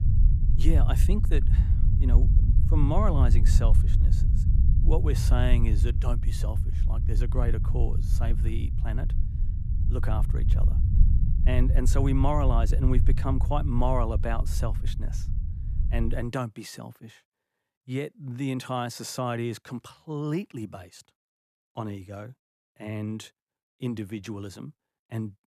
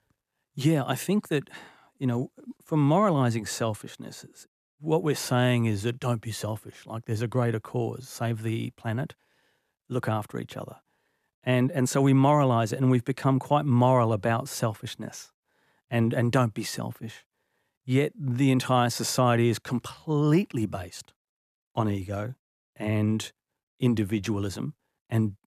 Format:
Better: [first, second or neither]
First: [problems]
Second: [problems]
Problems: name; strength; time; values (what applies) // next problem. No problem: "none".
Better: second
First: low rumble; loud; until 16 s; 8 dB below the speech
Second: none